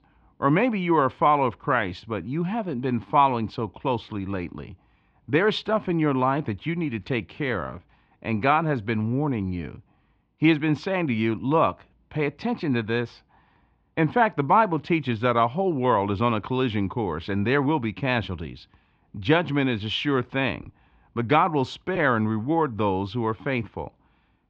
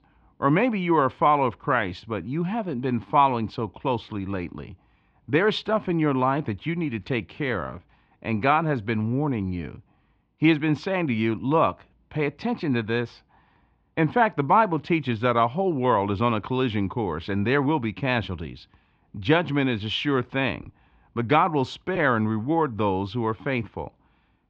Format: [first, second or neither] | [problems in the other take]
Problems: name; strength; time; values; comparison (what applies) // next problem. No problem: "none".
neither | muffled; very; fading above 3 kHz; the same in both